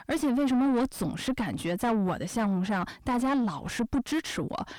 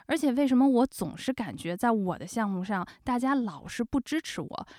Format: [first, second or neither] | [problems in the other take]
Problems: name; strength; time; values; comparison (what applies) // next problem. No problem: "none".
second | distortion; heavy; 6 dB below the speech